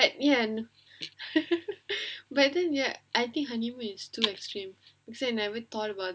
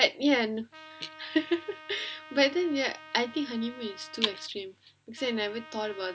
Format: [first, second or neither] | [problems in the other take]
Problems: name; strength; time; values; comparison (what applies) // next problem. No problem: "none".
first | background sound (Trumpet); 19 dB below the speech